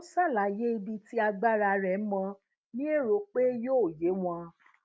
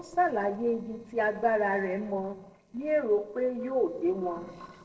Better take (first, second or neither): first